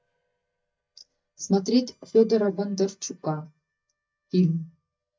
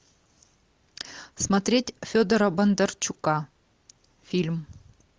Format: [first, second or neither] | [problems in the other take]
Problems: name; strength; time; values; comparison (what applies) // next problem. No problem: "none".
second | noise reduction (neural mask model DeepFilterNet 3)